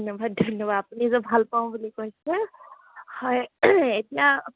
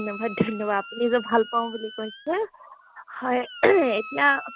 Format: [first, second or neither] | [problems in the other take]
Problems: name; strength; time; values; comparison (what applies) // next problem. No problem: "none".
first | background sound (Squeak); 16 dB below the speech